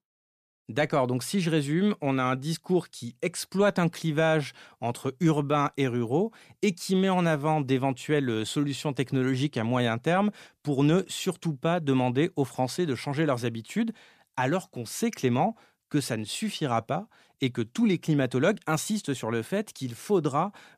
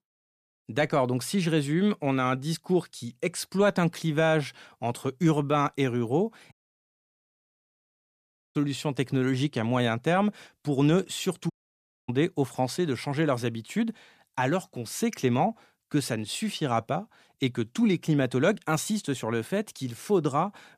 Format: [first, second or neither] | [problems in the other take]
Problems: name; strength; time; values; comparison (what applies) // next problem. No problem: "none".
first | audio cutting out; at 6.5 s for 2 s and at 12 s for 0.5 s